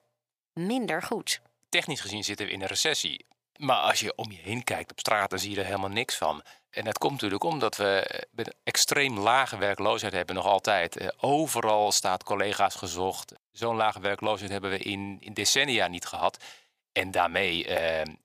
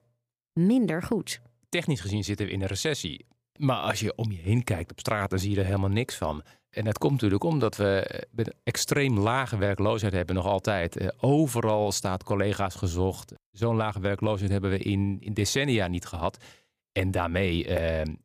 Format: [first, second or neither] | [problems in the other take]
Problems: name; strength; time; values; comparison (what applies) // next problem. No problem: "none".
second | thin; somewhat; fading below 900 Hz